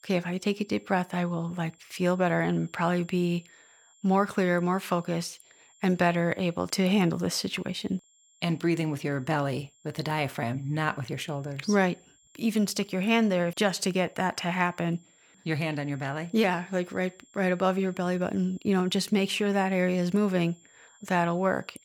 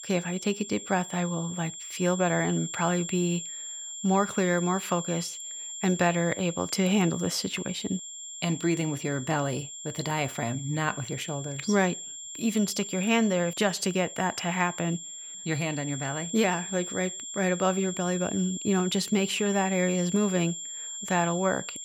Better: first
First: high-pitched whine; faint; throughout; 7.5 kHz, 30 dB below the speech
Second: high-pitched whine; loud; throughout; 7.5 kHz, 8 dB below the speech

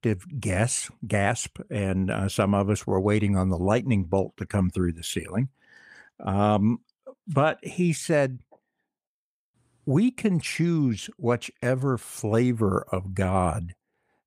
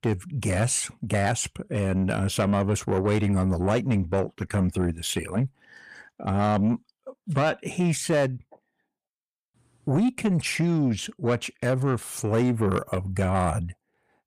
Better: first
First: none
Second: distortion; slight; 10 dB below the speech

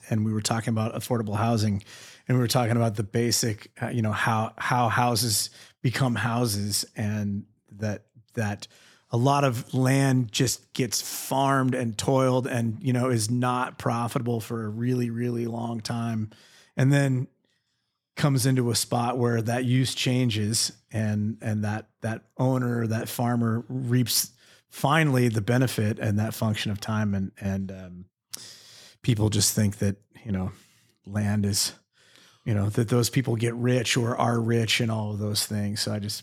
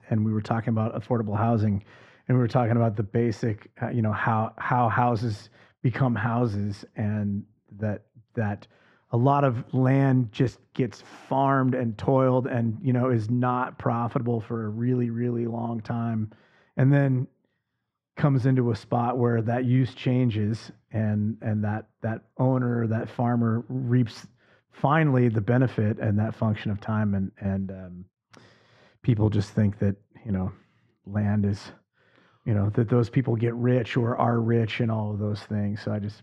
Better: first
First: none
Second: muffled; very; fading above 1.5 kHz

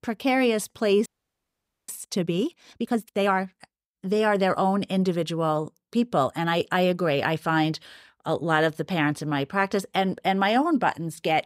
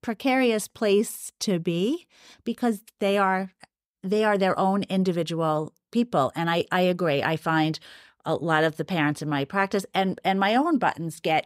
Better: second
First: audio freezing; at 1 s for 1 s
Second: none

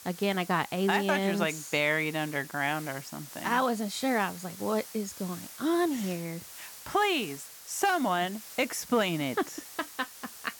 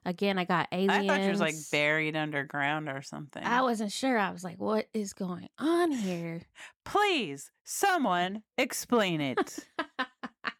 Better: second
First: hiss; noticeable; throughout; 15 dB below the speech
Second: none

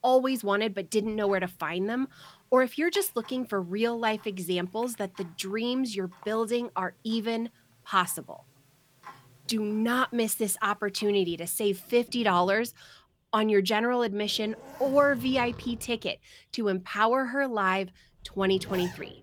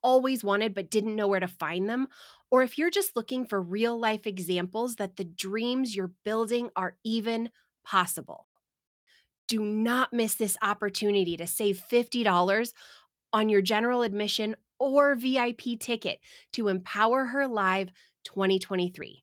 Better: second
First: household noises; faint; throughout; 20 dB below the speech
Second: none

